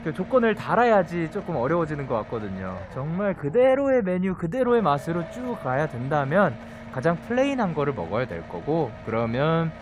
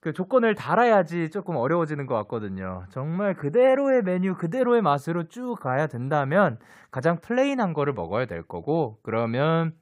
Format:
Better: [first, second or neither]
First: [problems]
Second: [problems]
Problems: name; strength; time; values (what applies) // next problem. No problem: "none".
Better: second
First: low rumble; noticeable; throughout; 15 dB below the speech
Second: none